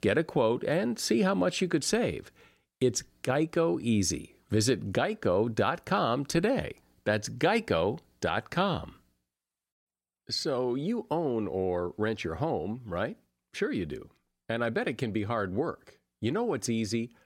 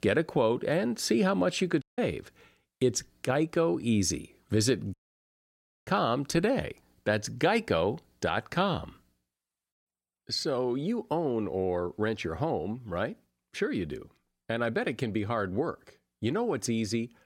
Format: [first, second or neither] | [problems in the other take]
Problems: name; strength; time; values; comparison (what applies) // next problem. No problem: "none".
first | audio cutting out; at 2 s and at 5 s for 1 s